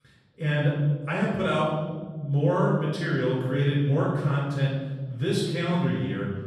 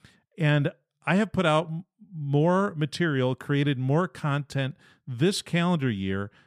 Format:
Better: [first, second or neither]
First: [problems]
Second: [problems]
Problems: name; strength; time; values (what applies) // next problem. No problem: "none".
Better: second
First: room echo; noticeable; dies away in 1.4 s // off-mic speech; far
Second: none